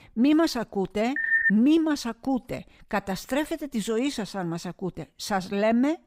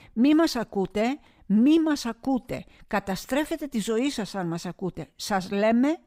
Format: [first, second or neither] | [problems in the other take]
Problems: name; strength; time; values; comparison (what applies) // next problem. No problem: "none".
second | phone ringing; loud; at 1 s; peak 4 dB above the speech